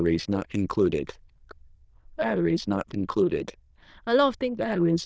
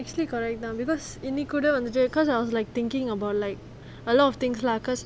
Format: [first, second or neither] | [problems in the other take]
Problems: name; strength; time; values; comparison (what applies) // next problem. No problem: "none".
second | noise reduction (neural diffusion model UNIVERSE++)